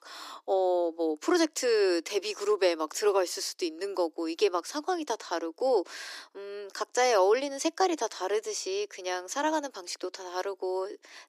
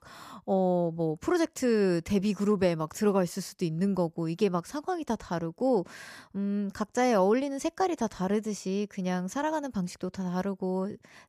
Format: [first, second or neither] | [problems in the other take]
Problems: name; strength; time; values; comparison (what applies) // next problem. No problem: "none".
second | thin; very; fading below 300 Hz